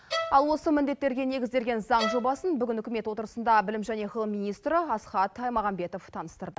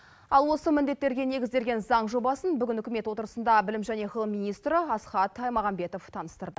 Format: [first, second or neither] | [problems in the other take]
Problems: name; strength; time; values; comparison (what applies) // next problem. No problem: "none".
second | background sound (Bowed string instrument); 10 dB below the speech